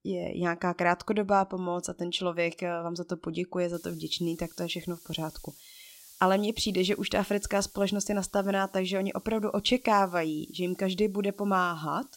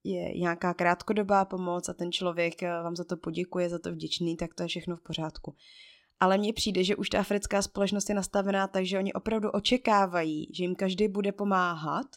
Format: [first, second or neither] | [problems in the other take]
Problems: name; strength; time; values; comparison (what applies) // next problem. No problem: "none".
second | hiss; faint; from 3.5 s on; 20 dB below the speech